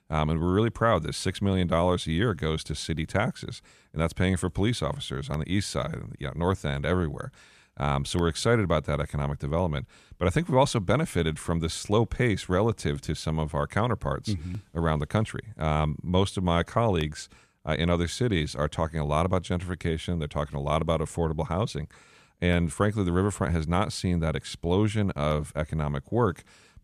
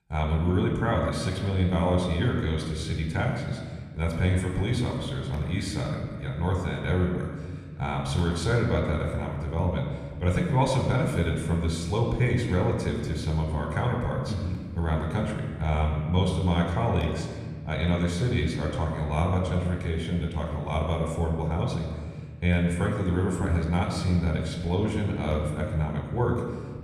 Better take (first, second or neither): first